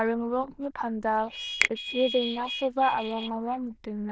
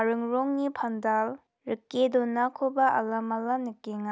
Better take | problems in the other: second | noise reduction (neural diffusion model UNIVERSE++)

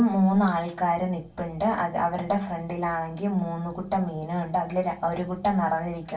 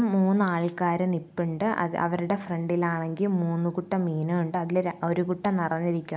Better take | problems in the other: second | room echo; dies away in 0.2 s

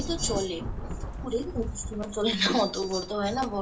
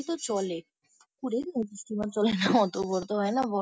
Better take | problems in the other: second | background sound (Rain / Thunderstorm); 7 dB below the speech // room echo; dies away in 0.2 s

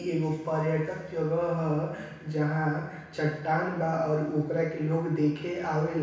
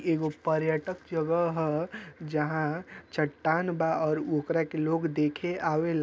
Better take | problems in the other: second | room echo; dies away in 1.1 s

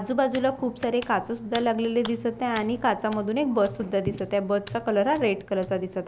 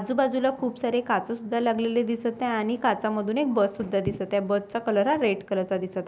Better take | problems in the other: second | background sound (Hands); 18 dB below the speech

